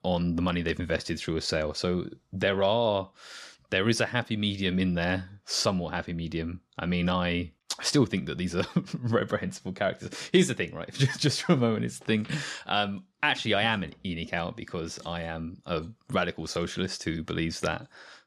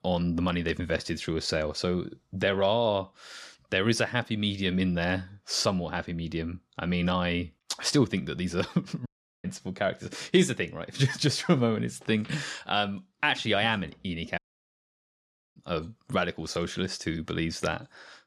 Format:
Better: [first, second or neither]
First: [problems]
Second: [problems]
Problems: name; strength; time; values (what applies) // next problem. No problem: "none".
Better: first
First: none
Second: audio cutting out; at 9 s and at 14 s for 1 s